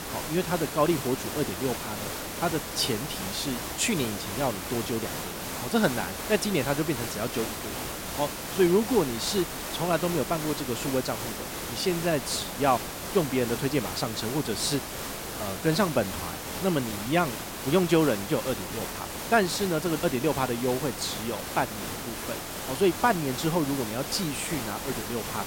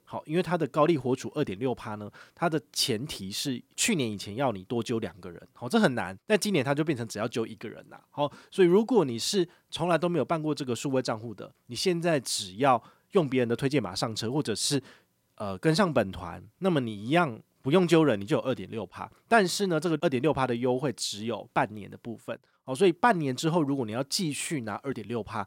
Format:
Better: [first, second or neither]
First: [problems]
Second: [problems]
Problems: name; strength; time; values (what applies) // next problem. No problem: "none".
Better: second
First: hiss; loud; throughout; 5 dB below the speech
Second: none